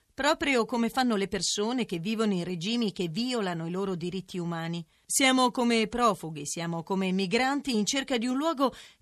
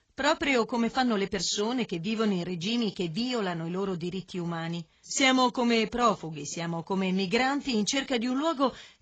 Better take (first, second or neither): first